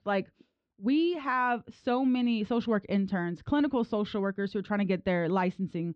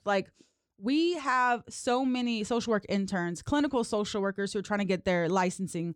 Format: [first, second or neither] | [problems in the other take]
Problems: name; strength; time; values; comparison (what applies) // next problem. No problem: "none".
second | muffled; slightly; fading above 3.5 kHz